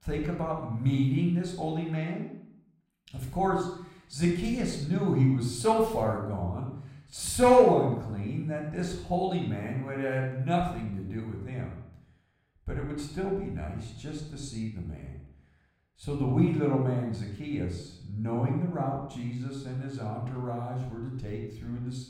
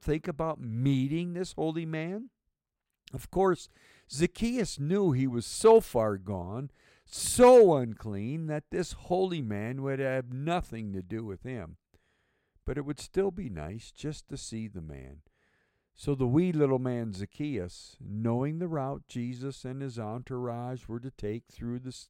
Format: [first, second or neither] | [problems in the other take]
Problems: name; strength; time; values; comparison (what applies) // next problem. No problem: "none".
second | off-mic speech; somewhat distant // room echo; noticeable; dies away in 0.6 s